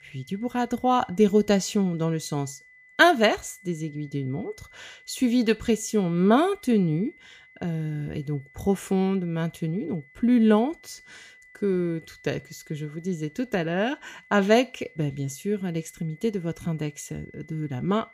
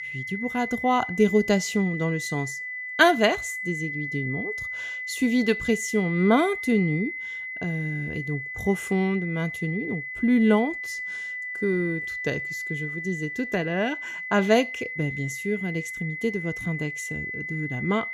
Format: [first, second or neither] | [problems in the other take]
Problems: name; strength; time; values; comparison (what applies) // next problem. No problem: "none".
first | high-pitched whine; loud; throughout; 2 kHz, 6 dB below the speech; faint in the first